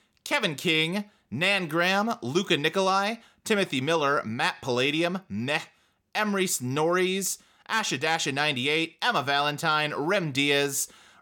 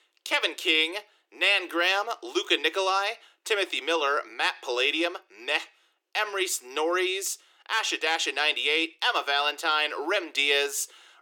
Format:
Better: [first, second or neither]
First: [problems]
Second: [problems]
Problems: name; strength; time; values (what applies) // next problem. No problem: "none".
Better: first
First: none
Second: thin; very; fading below 300 Hz